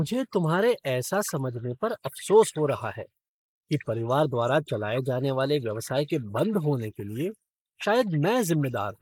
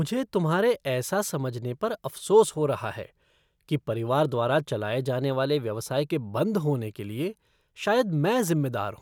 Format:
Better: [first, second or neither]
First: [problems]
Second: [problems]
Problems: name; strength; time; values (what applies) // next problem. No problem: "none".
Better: second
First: noise reduction (neural mask model Resemble Enhance denoiser)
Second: none